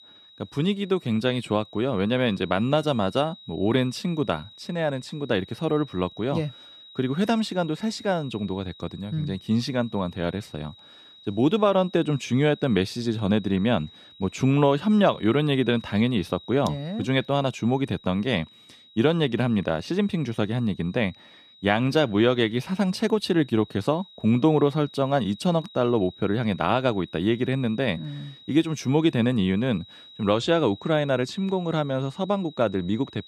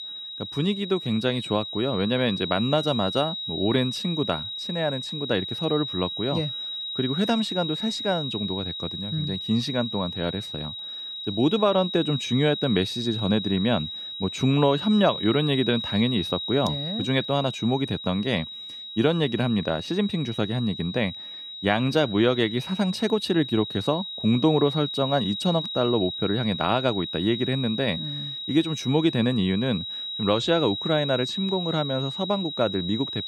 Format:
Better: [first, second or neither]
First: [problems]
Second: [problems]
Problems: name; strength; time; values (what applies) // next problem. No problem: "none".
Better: first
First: high-pitched whine; faint; throughout; 4 kHz, 20 dB below the speech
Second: high-pitched whine; loud; throughout; 4 kHz, 6 dB below the speech